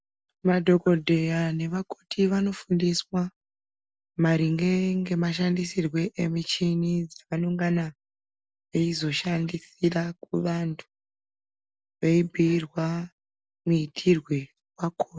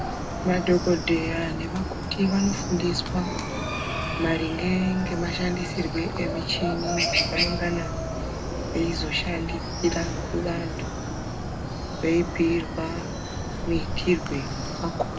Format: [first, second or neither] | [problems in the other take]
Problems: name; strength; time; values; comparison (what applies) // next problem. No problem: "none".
first | background sound (Chicken, rooster); 2 dB below the speech // room echo; dies away in 0.2 s